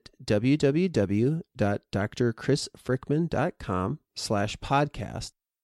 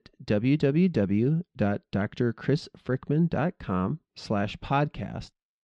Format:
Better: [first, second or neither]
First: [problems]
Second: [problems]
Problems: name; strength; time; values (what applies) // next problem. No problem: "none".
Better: first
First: none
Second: muffled; very slightly; fading above 3 kHz